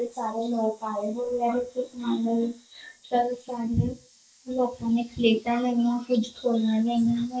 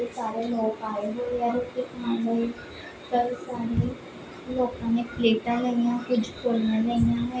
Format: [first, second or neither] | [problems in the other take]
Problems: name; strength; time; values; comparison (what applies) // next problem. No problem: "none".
second | noise reduction (neural mask model Resemble Enhance denoiser)